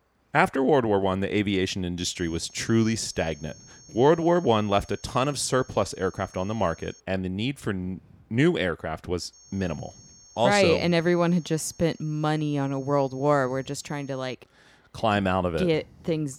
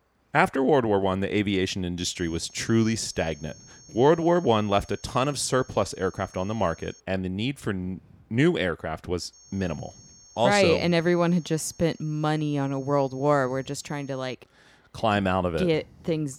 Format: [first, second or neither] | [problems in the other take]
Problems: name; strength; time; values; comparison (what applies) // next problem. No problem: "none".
neither | high-pitched whine; faint; from 2 to 7 s and from 9.5 to 14 s; 6.5 kHz, 25 dB below the speech; the same in both